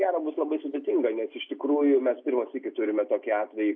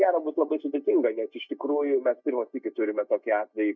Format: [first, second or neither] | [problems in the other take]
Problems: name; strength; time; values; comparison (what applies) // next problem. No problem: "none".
first | noise reduction (neural mask model DeepFilterNet 3)